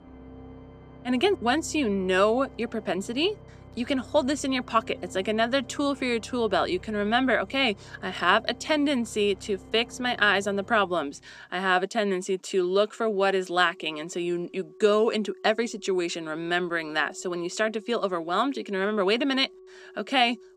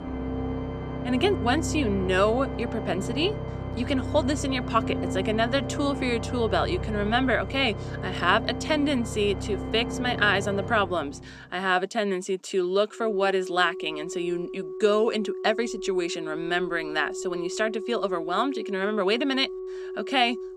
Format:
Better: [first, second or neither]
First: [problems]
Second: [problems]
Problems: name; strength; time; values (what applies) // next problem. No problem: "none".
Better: first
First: background music; faint; throughout; 20 dB below the speech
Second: background music; loud; throughout; 7 dB below the speech